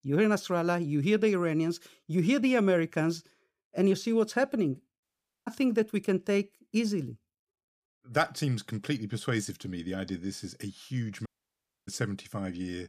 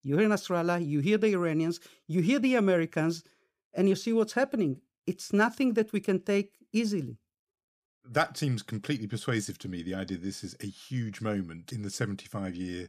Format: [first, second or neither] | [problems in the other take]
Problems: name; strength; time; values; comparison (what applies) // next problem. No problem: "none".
second | audio cutting out; at 5 s and at 11 s for 0.5 s